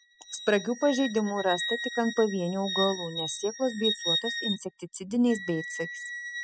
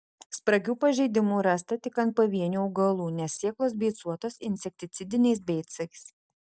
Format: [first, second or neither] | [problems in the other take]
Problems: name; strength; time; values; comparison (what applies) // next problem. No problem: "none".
second | noise reduction (classical method spectral subtraction)